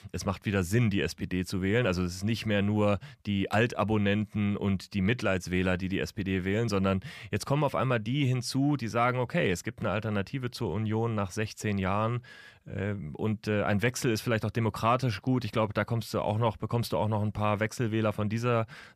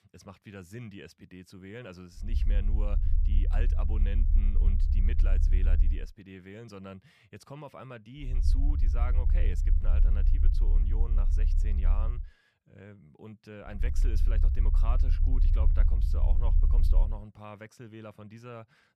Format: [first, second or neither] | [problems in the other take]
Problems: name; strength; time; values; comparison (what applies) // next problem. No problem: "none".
first | low rumble; loud; from 2.5 to 6 s, from 8.5 to 12 s and from 14 to 17 s; 4 dB below the speech